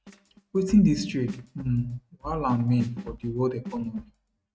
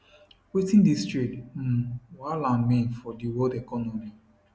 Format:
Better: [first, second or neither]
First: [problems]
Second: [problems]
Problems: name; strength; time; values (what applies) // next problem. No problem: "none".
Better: second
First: noise reduction (neural mask model RNNoise)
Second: none